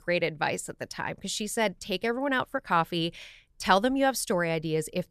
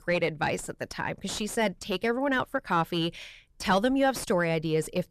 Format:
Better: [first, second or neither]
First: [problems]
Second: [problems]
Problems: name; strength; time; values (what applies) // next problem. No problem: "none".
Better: first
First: none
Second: distortion; slight; 10 dB below the speech